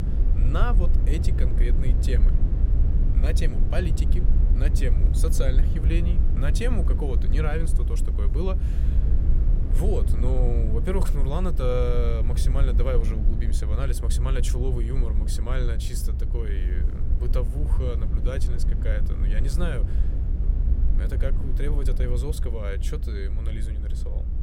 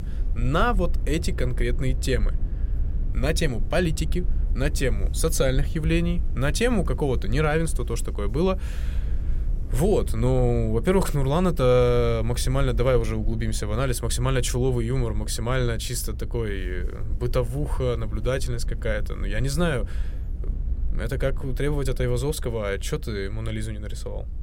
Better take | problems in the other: second | low rumble; loud; throughout; 7 dB below the speech; faint in the second

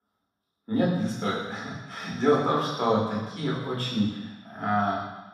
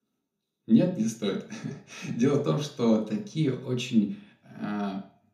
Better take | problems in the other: second | room echo; strong; dies away in 1.2 s; slight in the second // off-mic speech; far; far in the second

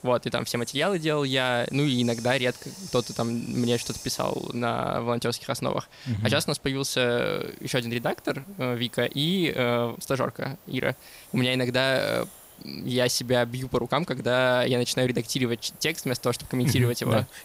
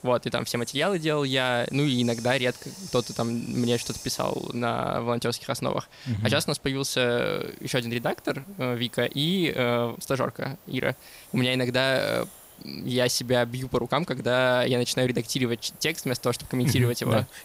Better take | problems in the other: neither | hiss; noticeable; throughout; 20 dB below the speech; the same in both

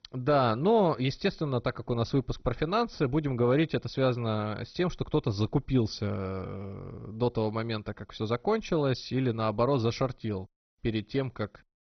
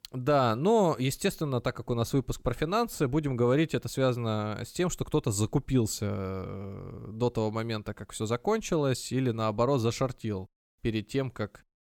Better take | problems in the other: second | garbled, watery; badly; nothing above 6 kHz

